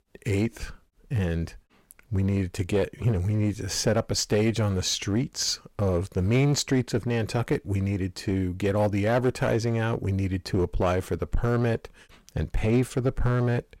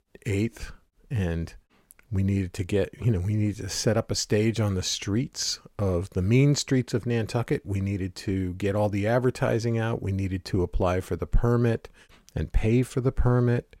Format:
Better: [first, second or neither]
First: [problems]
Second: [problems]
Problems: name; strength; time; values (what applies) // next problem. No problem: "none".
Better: second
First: distortion; slight; 7% of the sound clipped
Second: none